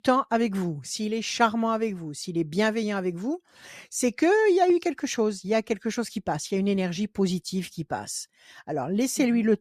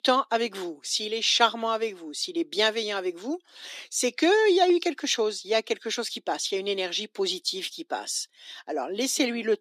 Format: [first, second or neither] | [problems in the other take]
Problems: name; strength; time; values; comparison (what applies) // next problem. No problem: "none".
first | thin; somewhat; fading below 300 Hz